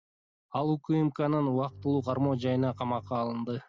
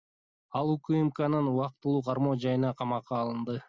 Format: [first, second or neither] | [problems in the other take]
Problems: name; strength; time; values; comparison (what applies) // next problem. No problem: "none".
second | background sound (Bowed string instrument); 18 dB below the speech